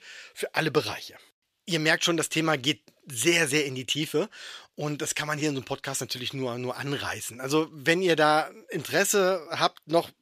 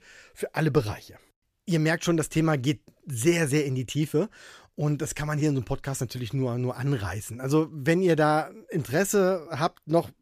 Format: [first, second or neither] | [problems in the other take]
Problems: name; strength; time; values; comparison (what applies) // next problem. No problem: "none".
second | thin; somewhat; fading below 1 kHz